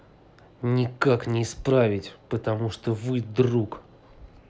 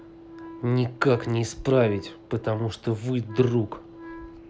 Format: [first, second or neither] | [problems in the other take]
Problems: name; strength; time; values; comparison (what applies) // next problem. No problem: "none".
first | background sound (Wind instrument, woodwind instrument); 17 dB below the speech